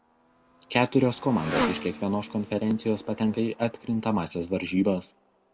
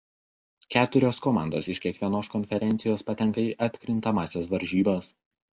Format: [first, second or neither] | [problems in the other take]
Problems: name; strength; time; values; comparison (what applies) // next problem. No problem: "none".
second | background sound (Motorcycle); 11 dB below the speech